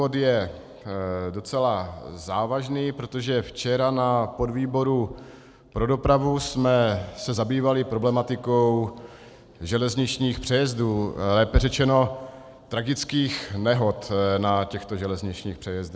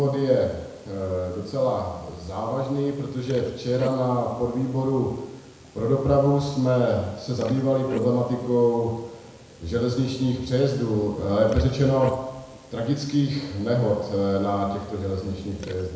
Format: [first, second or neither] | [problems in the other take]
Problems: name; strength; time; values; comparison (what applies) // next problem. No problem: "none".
first | background sound (Burping, eructation); 19 dB below the speech // room echo; dies away in 1 s